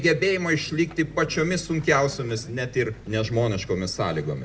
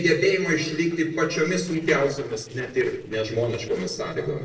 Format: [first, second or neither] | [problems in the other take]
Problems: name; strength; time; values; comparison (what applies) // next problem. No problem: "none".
first | noise reduction (neural separator model SepFormer DNS4)